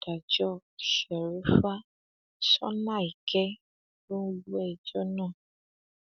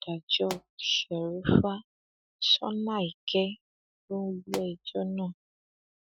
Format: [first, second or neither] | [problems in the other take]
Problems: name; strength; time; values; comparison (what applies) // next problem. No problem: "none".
first | noise reduction (classical method Wiener filter)